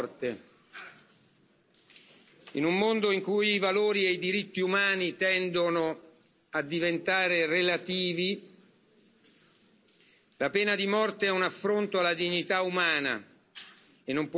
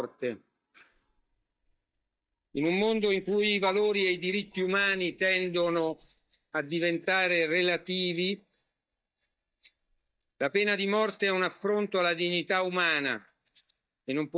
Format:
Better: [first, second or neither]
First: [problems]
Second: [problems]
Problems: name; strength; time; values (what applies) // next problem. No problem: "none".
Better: first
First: none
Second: noise reduction (neural mask model DeepFilterNet 3)